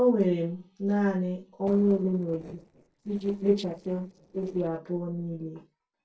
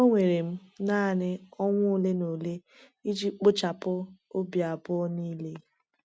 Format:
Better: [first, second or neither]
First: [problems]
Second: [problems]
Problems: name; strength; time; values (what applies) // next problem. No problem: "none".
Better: second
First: noise reduction (neural separator model SepFormer DNS4)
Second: none